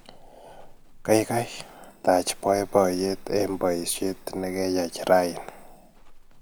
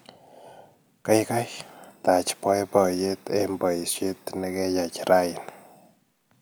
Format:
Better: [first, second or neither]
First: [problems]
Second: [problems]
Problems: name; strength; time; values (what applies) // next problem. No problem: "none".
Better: second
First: background sound (Walk, footsteps); 20 dB below the speech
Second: none